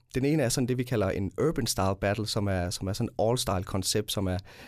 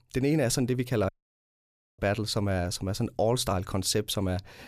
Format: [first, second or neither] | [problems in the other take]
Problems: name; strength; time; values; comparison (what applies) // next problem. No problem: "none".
first | audio cutting out; at 1 s for 1 s